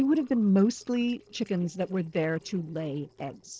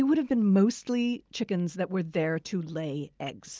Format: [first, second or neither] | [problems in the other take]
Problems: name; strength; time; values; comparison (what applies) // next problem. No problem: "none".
second | noise reduction (neural separator model SepFormer DNS4)